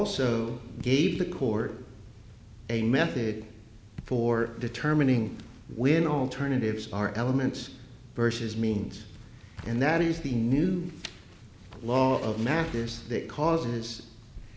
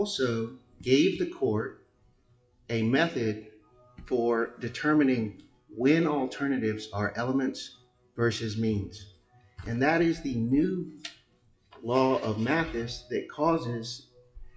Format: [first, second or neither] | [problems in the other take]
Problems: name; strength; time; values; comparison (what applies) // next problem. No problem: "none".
first | noise reduction (classical method WPE with log-MMSE)